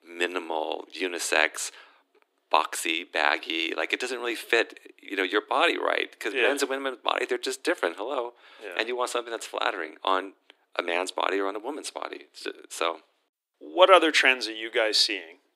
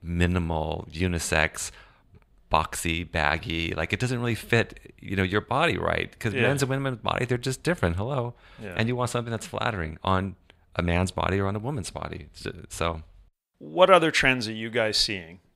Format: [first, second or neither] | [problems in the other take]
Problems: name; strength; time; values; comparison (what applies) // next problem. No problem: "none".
second | thin; very; fading below 300 Hz